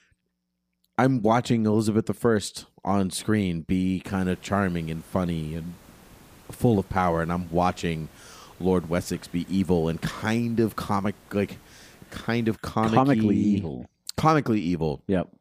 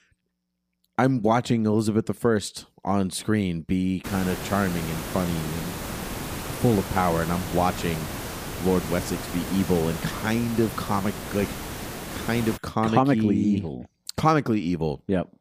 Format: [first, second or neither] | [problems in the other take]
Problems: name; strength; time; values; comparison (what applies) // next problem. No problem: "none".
first | hiss; loud; from 4 to 13 s; 8 dB below the speech; faint in the first